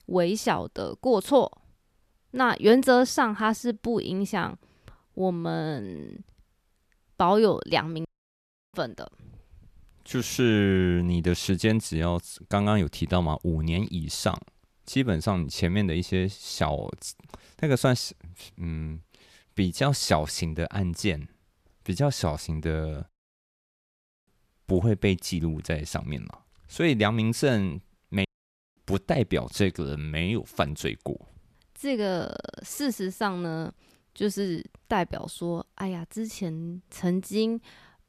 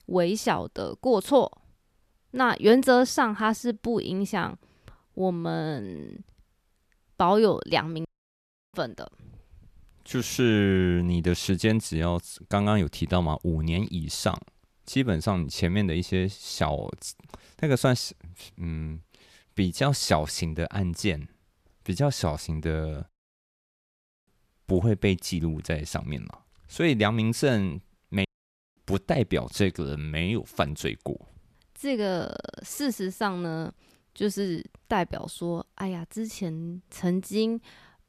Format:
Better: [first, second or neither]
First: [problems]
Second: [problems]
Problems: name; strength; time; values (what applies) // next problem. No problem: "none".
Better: neither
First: audio cutting out; at 8 s for 0.5 s, at 23 s for 1 s and at 28 s for 0.5 s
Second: audio cutting out; at 8 s for 0.5 s, at 23 s for 1 s and at 28 s for 0.5 s